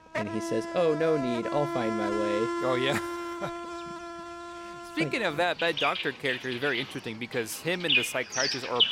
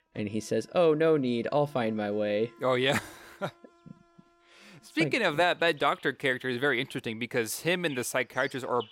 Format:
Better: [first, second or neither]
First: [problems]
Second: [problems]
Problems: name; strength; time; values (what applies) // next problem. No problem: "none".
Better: second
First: animal sounds; loud; throughout; 2 dB below the speech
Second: animal sounds; faint; throughout; 30 dB below the speech